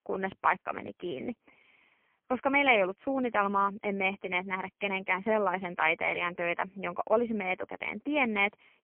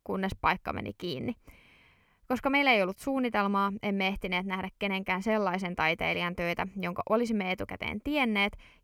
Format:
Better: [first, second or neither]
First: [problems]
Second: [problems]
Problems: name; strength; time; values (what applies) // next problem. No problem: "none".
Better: second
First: phone-call audio; poor line; nothing above 3 kHz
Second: none